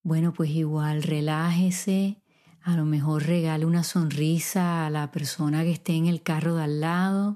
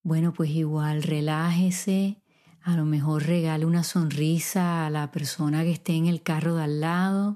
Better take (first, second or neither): neither